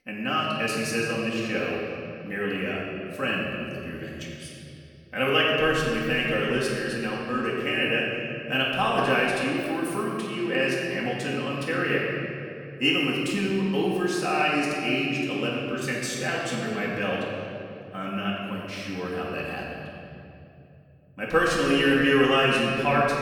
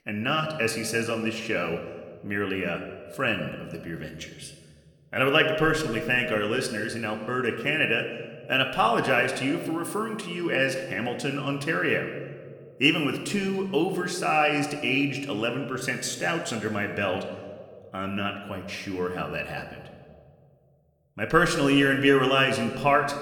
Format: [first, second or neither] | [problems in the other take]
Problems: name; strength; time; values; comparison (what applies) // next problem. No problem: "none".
second | room echo; strong; dies away in 2.5 s; slight in the second // off-mic speech; far